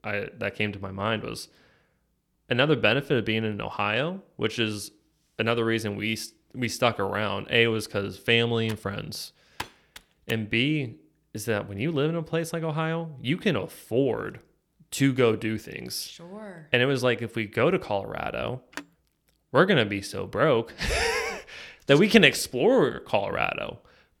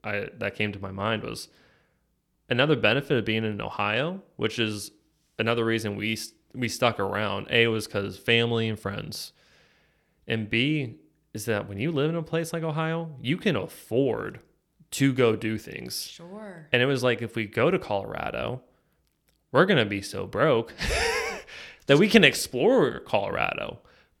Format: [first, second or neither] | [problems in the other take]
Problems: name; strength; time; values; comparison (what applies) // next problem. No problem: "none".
second | keyboard typing; faint; from 8.5 to 10 s; peak 15 dB below the speech // phone ringing; faint; at 19 s; peak 15 dB below the speech